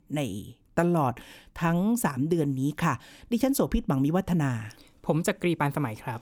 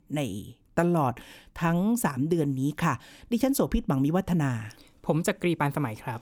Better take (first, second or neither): neither